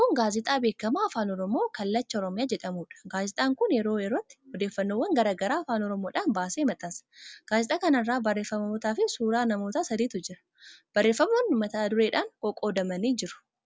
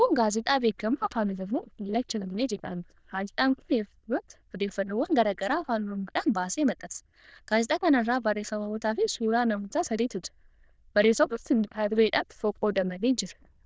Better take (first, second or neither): first